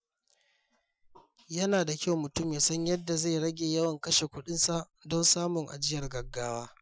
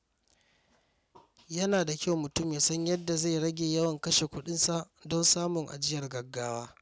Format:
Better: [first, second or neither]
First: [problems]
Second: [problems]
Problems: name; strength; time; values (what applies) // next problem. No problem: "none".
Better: second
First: noise reduction (classical method Wiener filter)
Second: none